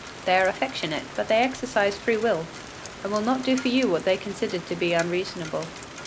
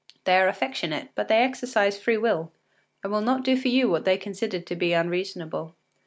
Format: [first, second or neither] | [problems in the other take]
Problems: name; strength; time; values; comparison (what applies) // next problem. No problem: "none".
second | background sound (Rain); 13 dB below the speech